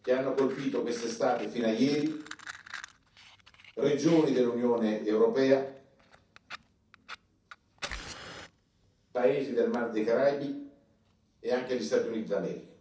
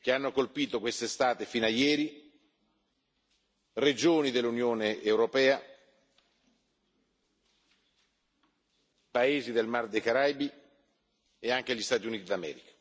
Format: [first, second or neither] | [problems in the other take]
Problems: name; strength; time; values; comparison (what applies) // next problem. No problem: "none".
second | background sound (Fire); 20 dB below the speech // room echo; dies away in 0.6 s